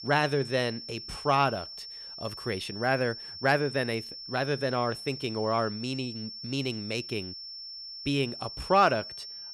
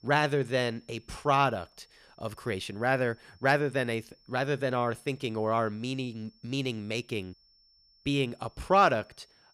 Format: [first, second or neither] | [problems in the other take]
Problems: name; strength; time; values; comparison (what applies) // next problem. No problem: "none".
second | high-pitched whine; loud; throughout; 5.5 kHz, 10 dB below the speech; faint in the second